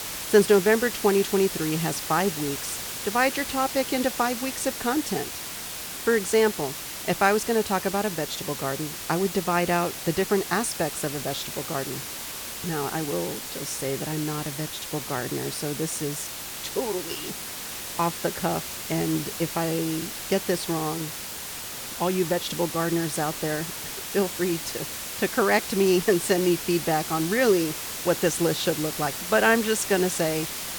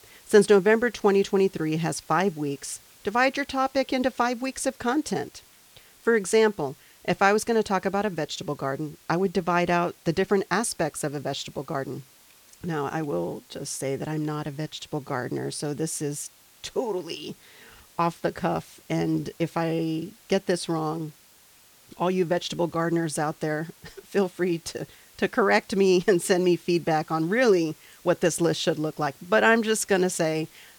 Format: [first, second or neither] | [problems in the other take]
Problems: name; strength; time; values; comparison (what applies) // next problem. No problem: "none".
second | hiss; loud; throughout; 6 dB below the speech; faint in the second